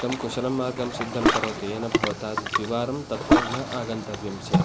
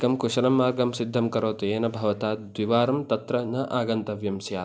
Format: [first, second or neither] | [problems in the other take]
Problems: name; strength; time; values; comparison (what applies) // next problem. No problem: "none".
second | background sound (Ocean); 3 dB above the speech